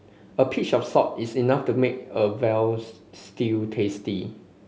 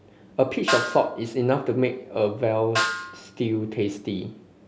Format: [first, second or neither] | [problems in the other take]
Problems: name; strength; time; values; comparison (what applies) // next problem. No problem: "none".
first | background sound (Snare drum); 7 dB below the speech